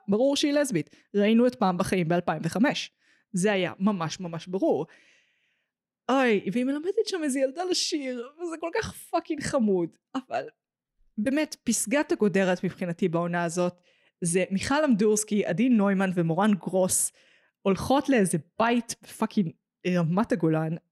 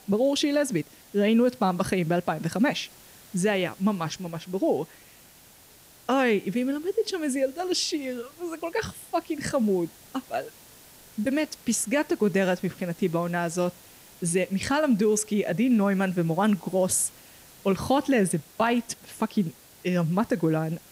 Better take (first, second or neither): first